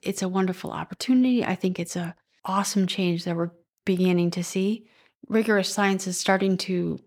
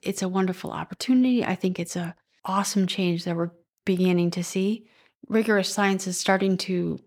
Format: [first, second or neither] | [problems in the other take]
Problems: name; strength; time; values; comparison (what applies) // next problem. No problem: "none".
neither | none